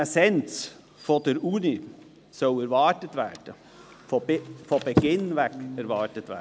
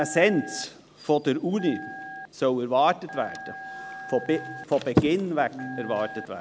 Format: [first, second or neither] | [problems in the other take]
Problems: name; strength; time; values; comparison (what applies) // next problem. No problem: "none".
first | background sound (Telephone); 15 dB below the speech